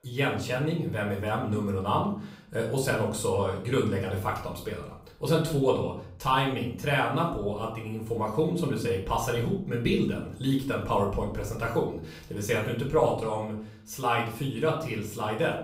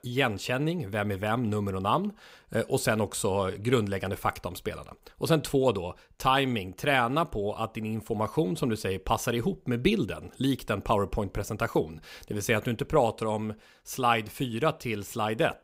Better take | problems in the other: second | off-mic speech; far // room echo; slight; dies away in 0.5 s

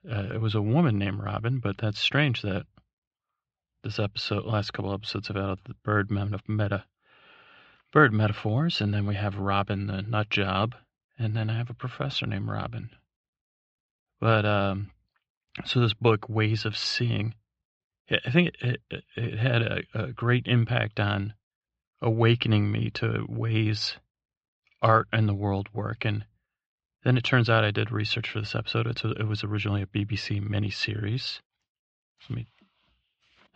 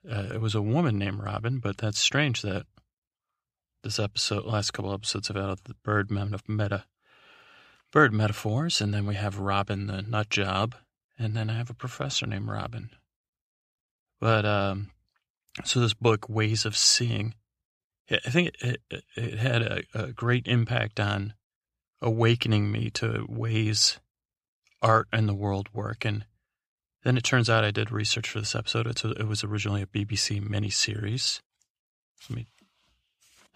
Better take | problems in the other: second | muffled; slightly; fading above 4 kHz

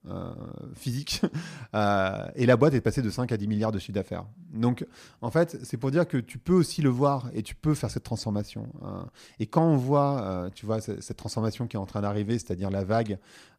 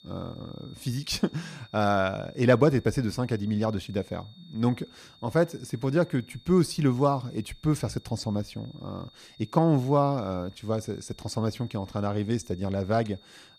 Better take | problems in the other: first | high-pitched whine; faint; throughout; 3.5 kHz, 25 dB below the speech

